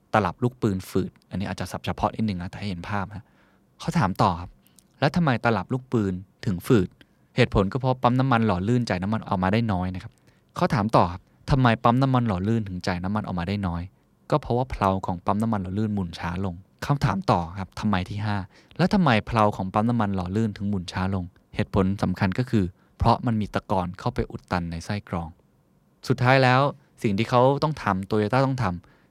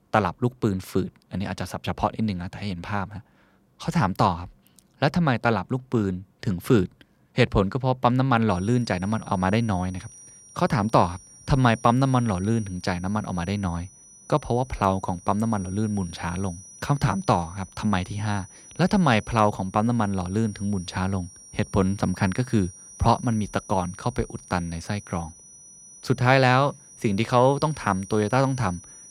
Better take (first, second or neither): first